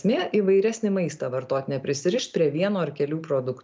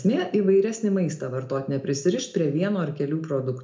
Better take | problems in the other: first | room echo; dies away in 0.3 s

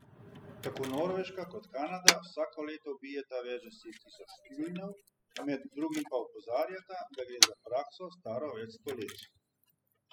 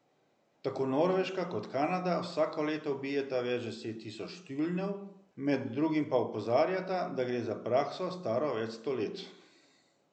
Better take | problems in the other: second | noise reduction (classical method spectral subtraction)

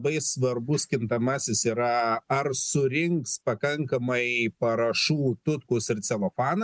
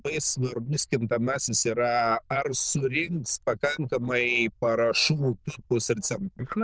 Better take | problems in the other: first | noise reduction (neural diffusion model UNIVERSE++)

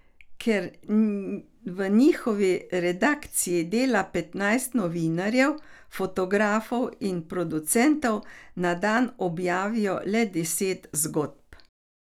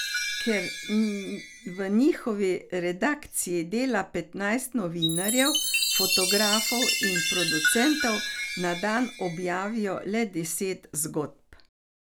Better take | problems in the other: first | background sound (Chime); 3 dB below the speech

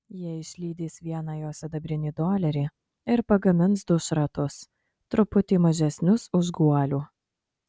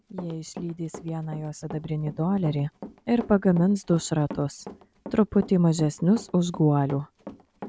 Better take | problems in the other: first | background sound (Run); 17 dB below the speech

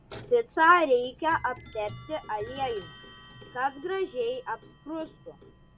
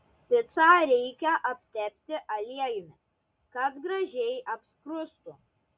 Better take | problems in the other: second | background sound (Clock); 19 dB below the speech

